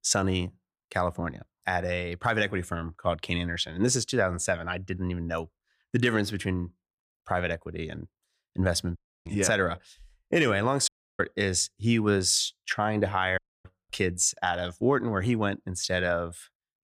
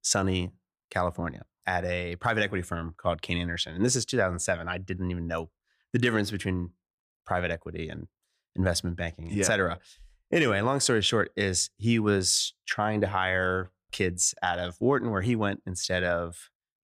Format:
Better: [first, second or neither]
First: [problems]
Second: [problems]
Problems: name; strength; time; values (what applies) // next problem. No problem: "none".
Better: second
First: audio cutting out; at 9 s, at 11 s and at 13 s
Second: none